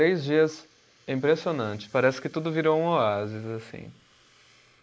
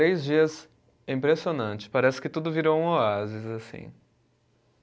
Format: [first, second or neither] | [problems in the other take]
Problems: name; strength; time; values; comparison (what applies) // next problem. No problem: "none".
second | noise reduction (neural mask model Resemble Enhance denoiser)